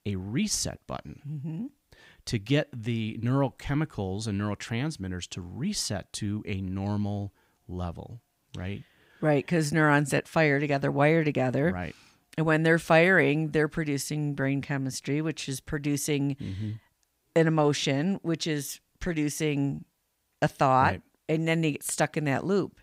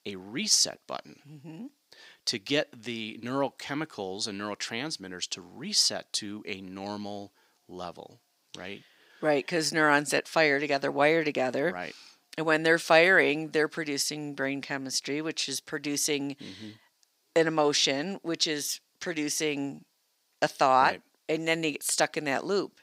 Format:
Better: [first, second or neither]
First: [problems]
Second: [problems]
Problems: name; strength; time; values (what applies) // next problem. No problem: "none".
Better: first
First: none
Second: thin; somewhat; fading below 350 Hz